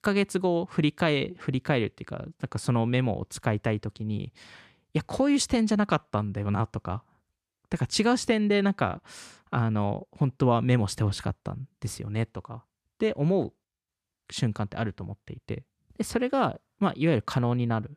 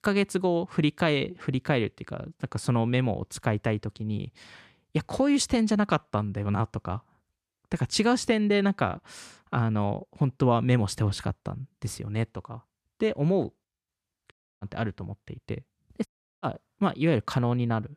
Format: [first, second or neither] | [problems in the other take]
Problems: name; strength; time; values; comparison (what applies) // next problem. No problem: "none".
first | audio cutting out; at 14 s and at 16 s